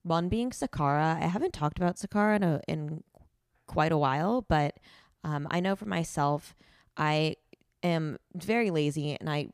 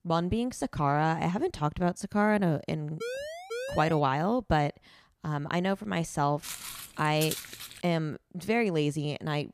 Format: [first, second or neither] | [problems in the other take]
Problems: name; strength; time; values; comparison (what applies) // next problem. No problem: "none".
first | siren; noticeable; from 3 to 4 s; peak 7 dB below the speech // footsteps; noticeable; from 6.5 to 8 s; peak 6 dB below the speech